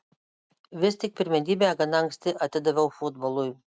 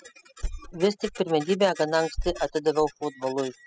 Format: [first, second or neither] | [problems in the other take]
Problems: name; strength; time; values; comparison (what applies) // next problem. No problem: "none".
first | noise reduction (classical method spectral subtraction)